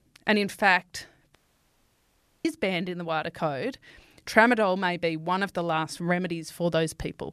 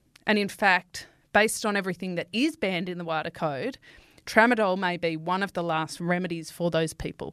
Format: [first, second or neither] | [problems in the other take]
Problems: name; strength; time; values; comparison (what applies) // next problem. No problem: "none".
second | audio cutting out; at 1.5 s for 1 s